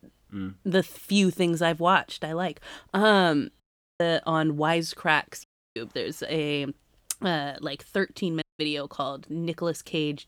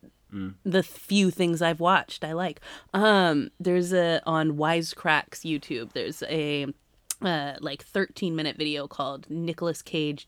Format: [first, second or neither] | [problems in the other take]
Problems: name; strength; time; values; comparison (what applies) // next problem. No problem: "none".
second | audio cutting out; at 3.5 s, at 5.5 s and at 8.5 s